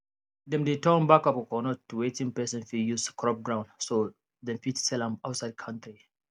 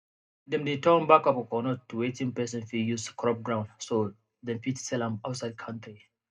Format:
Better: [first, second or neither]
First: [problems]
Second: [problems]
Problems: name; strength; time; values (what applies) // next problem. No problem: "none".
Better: first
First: none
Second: room echo; dies away in 0.2 s